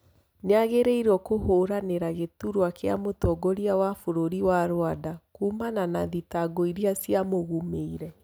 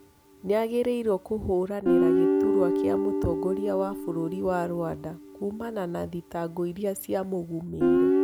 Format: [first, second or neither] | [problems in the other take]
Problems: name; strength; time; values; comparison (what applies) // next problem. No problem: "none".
first | background sound (Guitar); 1 dB above the speech